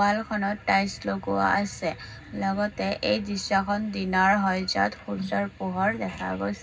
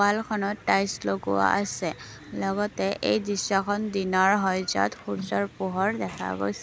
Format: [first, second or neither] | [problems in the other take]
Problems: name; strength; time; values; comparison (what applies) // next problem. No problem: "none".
second | room echo; dies away in 0.4 s